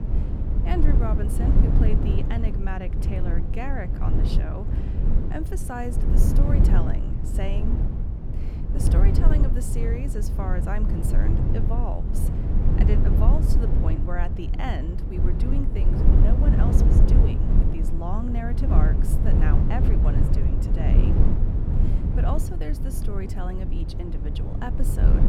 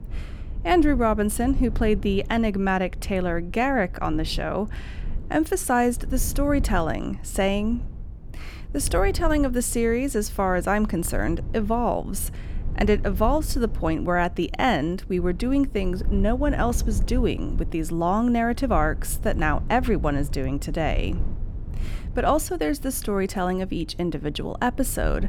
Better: second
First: low rumble; loud; throughout; as loud as the speech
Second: low rumble; faint; throughout; 20 dB below the speech

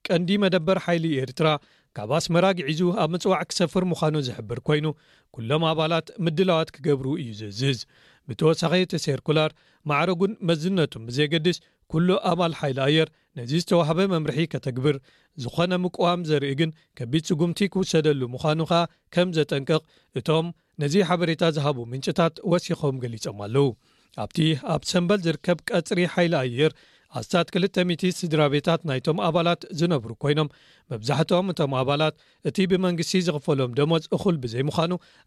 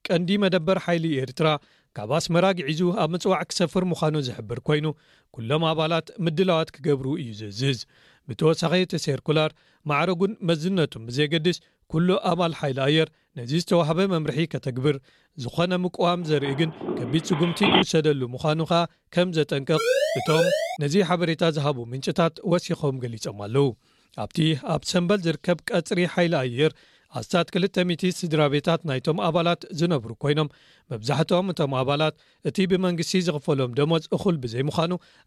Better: first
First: none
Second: phone ringing; loud; from 16 to 18 s; peak 4 dB above the speech // siren; loud; at 20 s; peak 2 dB above the speech

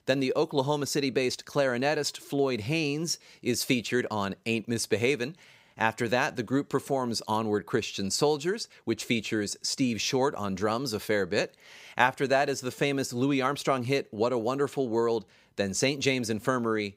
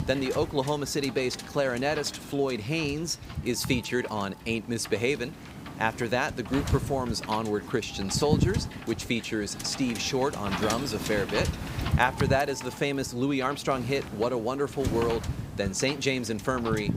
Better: first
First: none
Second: wind noise on the microphone; heavy; 10 dB below the speech

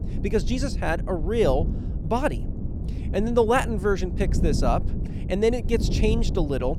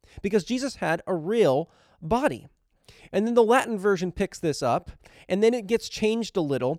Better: second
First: wind noise on the microphone; occasional gusts; 15 dB below the speech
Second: none

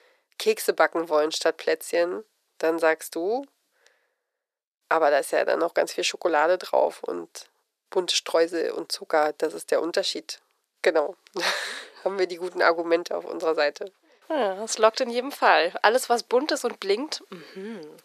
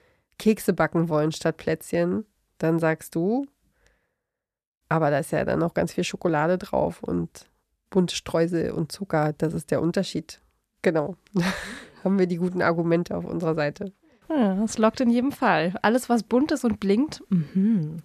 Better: second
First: thin; very; fading below 400 Hz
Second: none

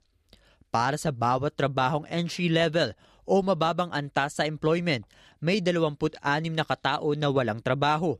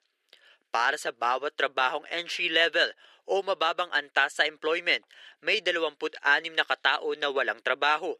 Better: first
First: none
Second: thin; very; fading below 400 Hz

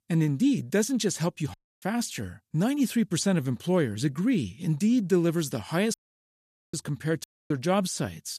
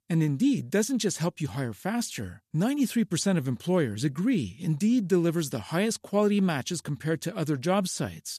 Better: second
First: audio cutting out; at 1.5 s, at 6 s for 1 s and at 7 s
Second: none

